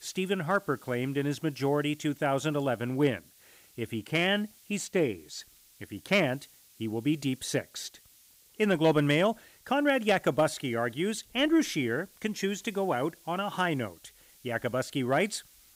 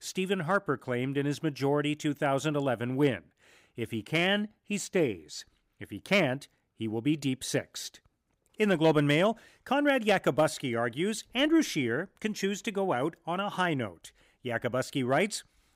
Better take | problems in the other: second | hiss; faint; throughout; 25 dB below the speech

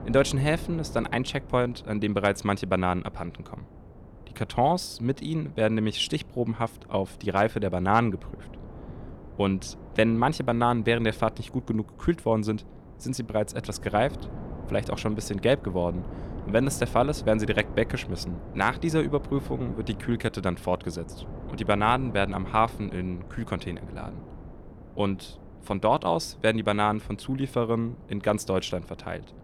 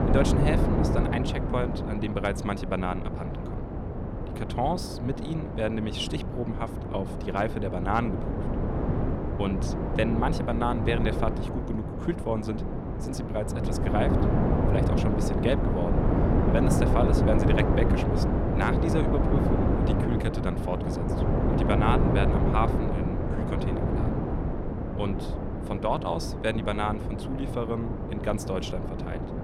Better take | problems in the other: first | wind noise on the microphone; heavy; 1 dB below the speech; occasional gusts in the first

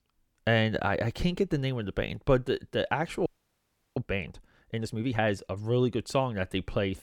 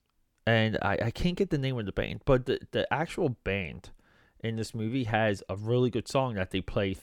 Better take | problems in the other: second | audio freezing; at 3.5 s for 0.5 s

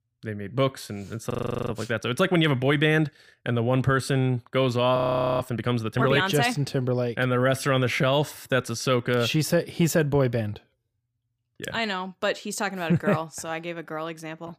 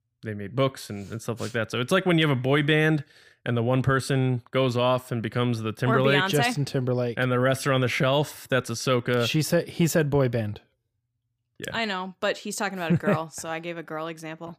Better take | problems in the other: second | audio freezing; at 1.5 s and at 5 s

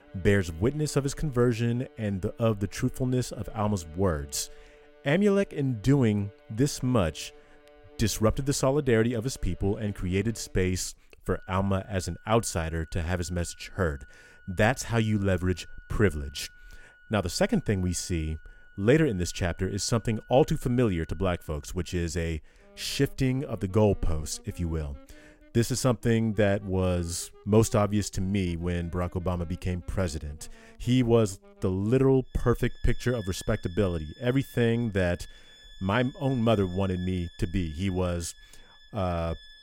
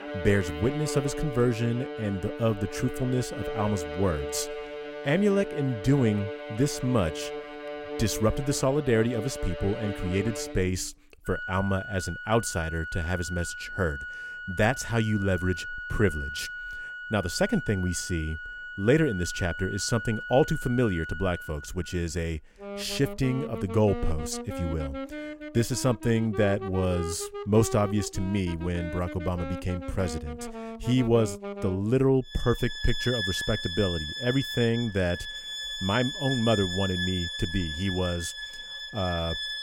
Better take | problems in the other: first | background music; loud; throughout; 8 dB below the speech; faint in the first

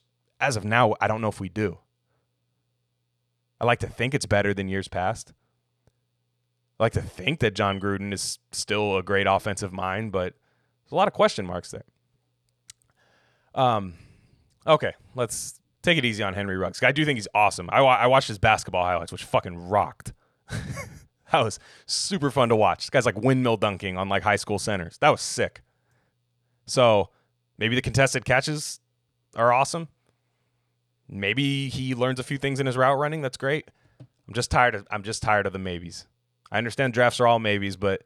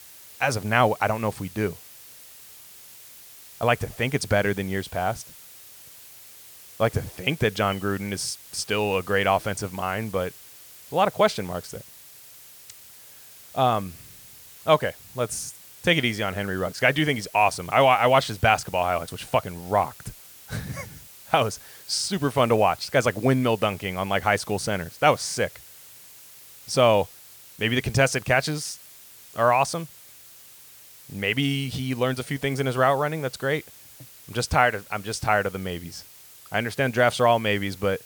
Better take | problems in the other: first | hiss; noticeable; throughout; 20 dB below the speech

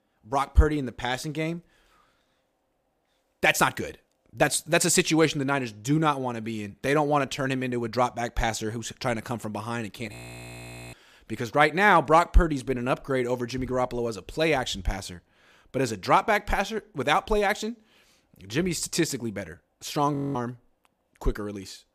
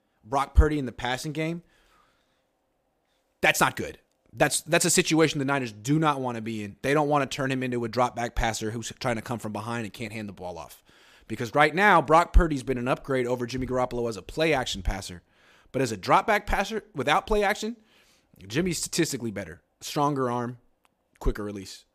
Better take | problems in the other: second | audio freezing; at 10 s for 1 s and at 20 s

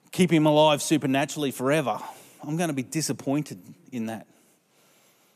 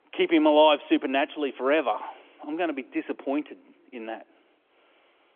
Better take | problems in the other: first | phone-call audio; nothing above 3.5 kHz

